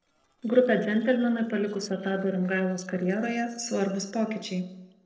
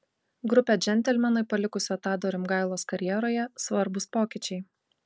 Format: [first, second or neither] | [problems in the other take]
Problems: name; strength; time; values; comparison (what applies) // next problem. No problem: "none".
second | noise reduction (neural separator model SepFormer DNS4)